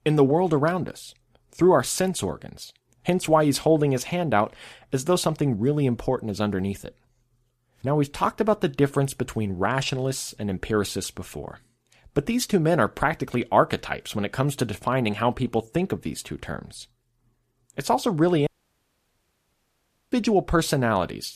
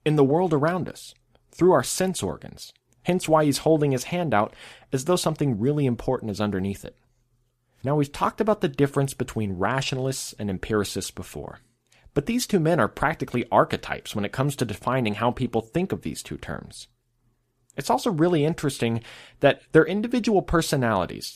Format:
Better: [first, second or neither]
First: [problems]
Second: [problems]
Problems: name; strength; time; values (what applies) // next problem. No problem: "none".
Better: second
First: audio cutting out; at 18 s for 1.5 s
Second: none